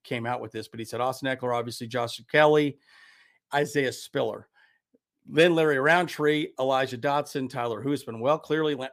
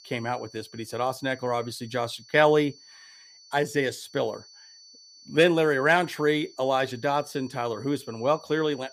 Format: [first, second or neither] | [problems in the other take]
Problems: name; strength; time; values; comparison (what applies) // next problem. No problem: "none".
first | high-pitched whine; faint; throughout; 4.5 kHz, 25 dB below the speech